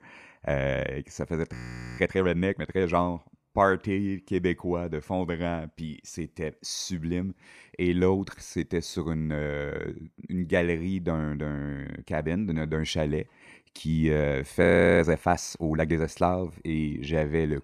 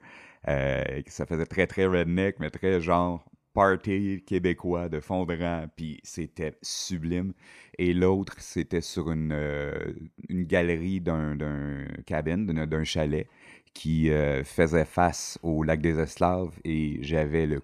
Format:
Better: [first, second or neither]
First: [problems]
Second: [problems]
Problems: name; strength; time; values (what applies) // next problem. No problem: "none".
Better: second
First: audio freezing; at 1.5 s and at 15 s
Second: none